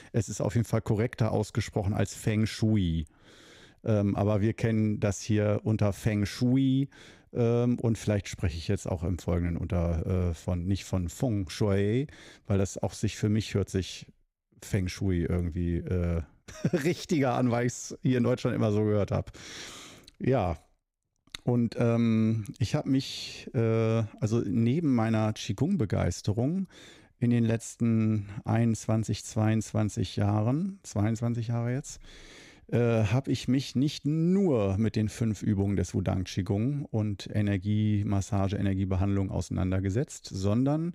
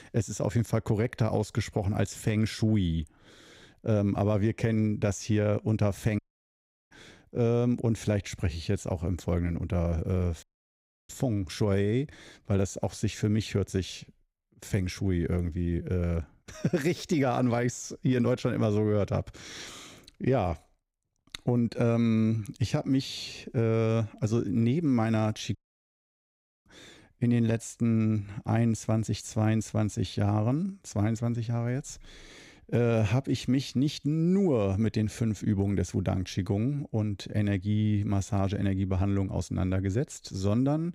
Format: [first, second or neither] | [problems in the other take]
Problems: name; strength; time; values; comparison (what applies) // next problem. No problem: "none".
first | audio cutting out; at 6 s for 0.5 s, at 10 s for 0.5 s and at 26 s for 1 s